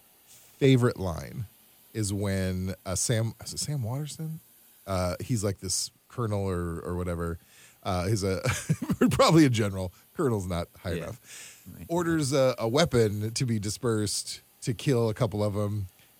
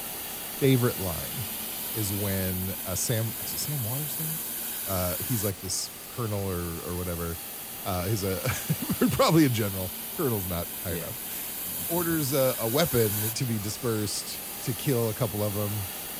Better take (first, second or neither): first